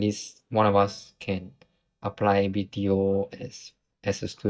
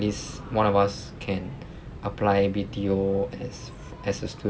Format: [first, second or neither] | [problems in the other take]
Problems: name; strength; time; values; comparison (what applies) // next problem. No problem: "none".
second | noise reduction (neural mask model DeepFilterNet 3)